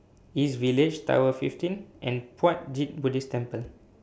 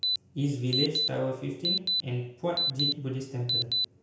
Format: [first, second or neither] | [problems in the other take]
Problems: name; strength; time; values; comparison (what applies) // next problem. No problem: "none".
first | background sound (Alarm); 1 dB above the speech // room echo; dies away in 0.5 s